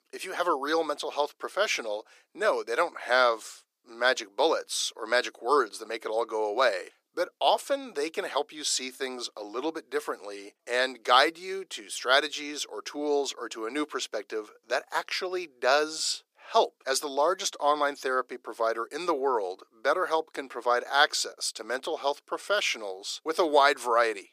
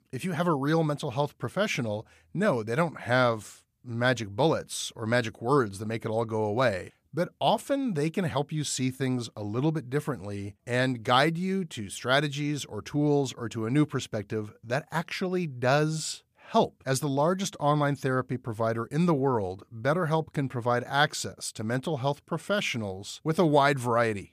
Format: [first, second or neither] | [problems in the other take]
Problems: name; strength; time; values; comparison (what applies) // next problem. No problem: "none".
second | thin; very; fading below 350 Hz